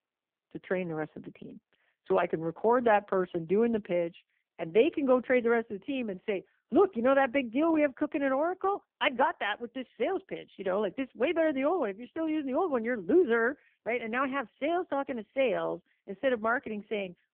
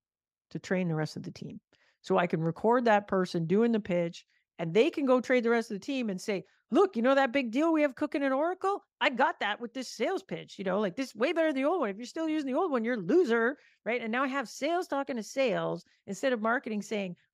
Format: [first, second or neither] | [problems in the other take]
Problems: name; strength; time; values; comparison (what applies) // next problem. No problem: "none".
second | phone-call audio; poor line; nothing above 3 kHz